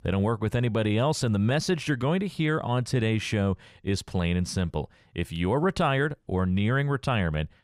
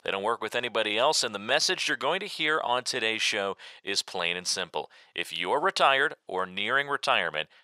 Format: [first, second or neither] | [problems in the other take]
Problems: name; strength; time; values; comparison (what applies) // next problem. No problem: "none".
first | thin; very; fading below 700 Hz